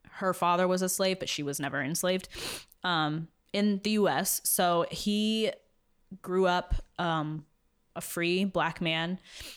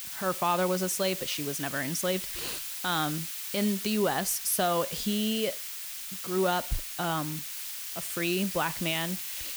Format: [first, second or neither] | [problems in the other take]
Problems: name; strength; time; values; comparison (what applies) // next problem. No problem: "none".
first | hiss; loud; throughout; 4 dB below the speech